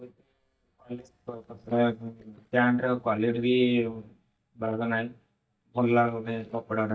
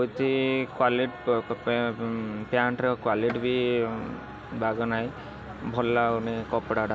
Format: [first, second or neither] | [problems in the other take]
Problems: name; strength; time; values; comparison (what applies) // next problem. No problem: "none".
second | noise reduction (neural mask model DeepFilterNet 3)